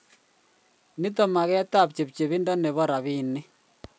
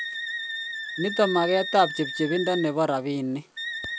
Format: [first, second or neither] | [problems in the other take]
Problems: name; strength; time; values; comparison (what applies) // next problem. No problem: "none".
first | background sound (Wind instrument, woodwind instrument); 8 dB below the speech